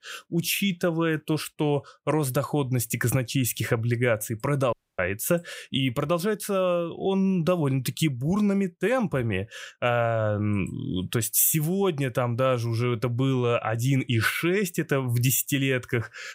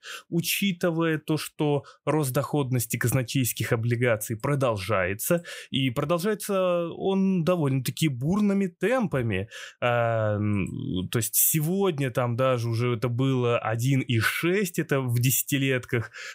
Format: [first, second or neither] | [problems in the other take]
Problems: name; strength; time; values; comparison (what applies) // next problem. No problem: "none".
second | audio cutting out; at 4.5 s